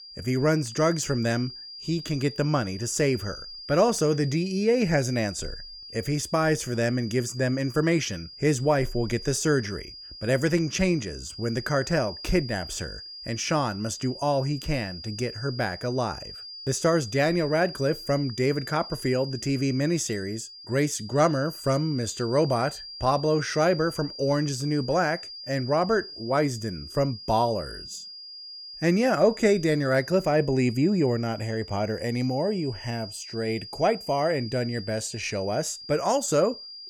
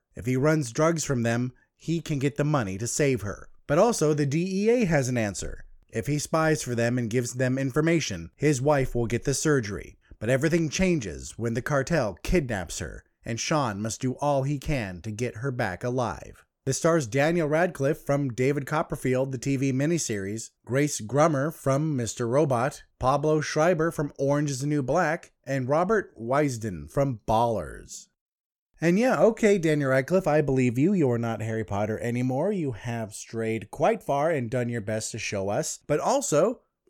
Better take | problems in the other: second | high-pitched whine; noticeable; throughout; 5 kHz, 15 dB below the speech

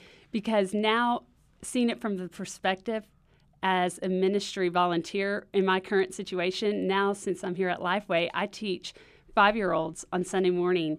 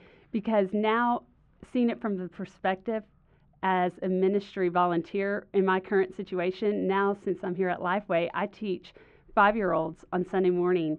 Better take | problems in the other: first | muffled; very; fading above 2 kHz

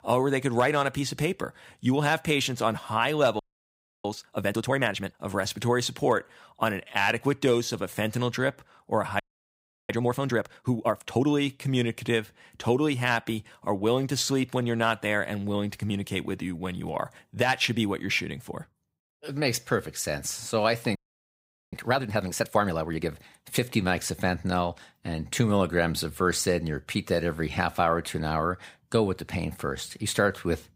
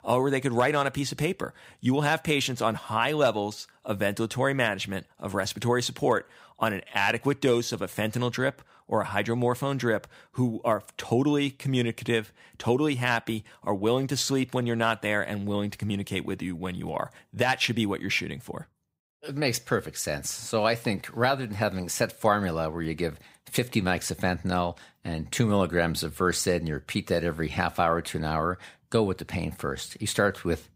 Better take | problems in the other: second | audio freezing; at 3.5 s for 0.5 s, at 9 s for 0.5 s and at 21 s for 1 s

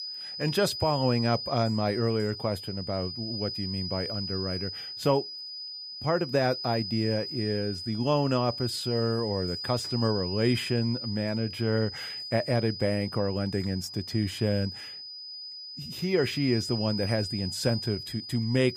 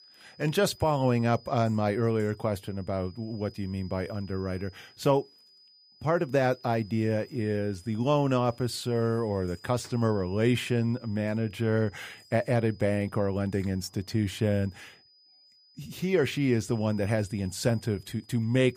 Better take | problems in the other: second | high-pitched whine; loud; throughout; 5 kHz, 6 dB below the speech; faint in the second

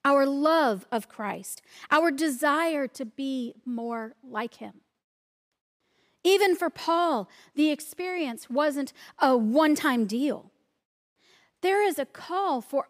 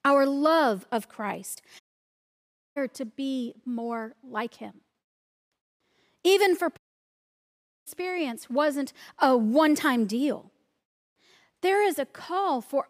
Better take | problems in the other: first | audio cutting out; at 2 s for 1 s and at 7 s for 1 s

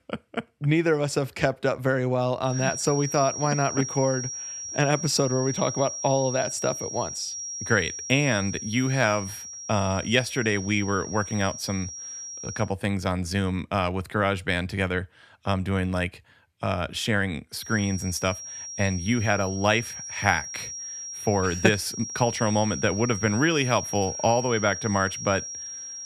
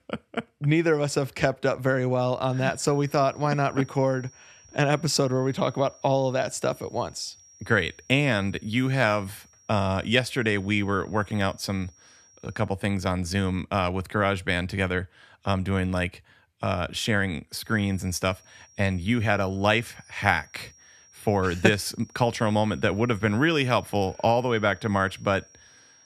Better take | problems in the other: second | high-pitched whine; loud; from 2.5 to 13 s and from 18 s on; 5.5 kHz, 8 dB below the speech; faint in the second

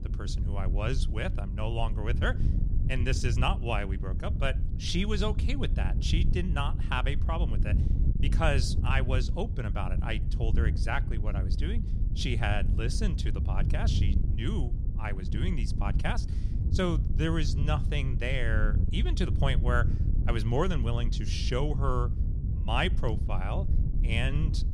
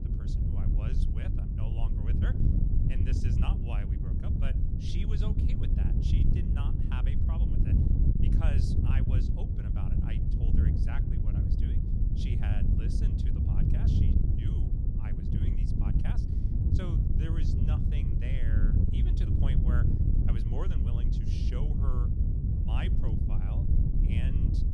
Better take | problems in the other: first | wind noise on the microphone; heavy; 4 dB above the speech; occasional gusts in the first

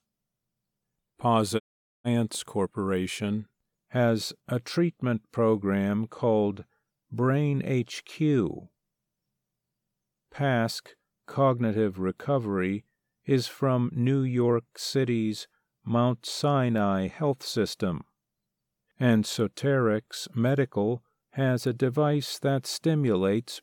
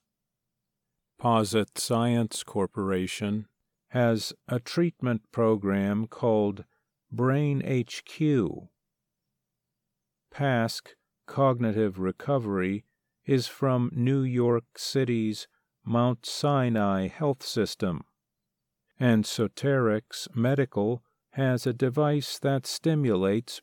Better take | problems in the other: second | audio cutting out; at 1.5 s

